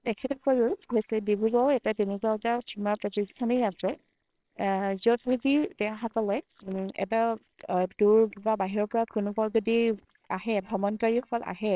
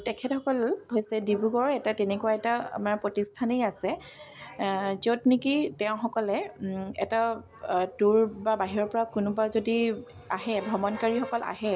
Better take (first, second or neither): second